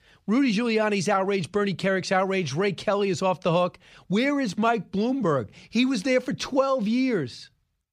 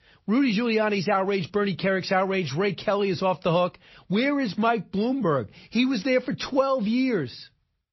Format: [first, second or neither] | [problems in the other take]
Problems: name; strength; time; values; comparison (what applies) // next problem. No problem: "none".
first | garbled, watery; slightly; nothing above 5.5 kHz